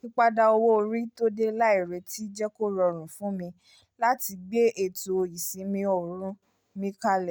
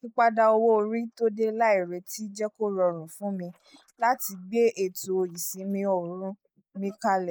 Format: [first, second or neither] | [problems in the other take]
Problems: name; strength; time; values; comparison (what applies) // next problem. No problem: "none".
first | noise reduction (neural mask model Resemble Enhance denoiser)